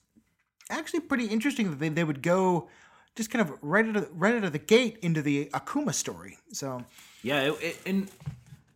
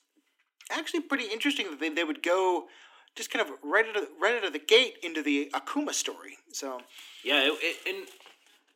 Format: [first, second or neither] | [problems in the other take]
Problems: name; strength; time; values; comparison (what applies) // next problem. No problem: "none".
first | thin; very slightly; fading below 300 Hz